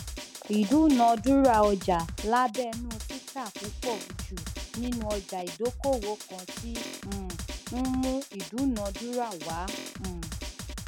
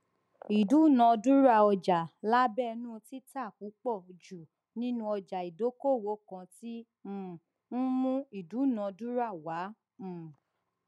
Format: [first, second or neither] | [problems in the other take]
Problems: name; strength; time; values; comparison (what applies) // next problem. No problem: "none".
second | background sound (Drum); 9 dB below the speech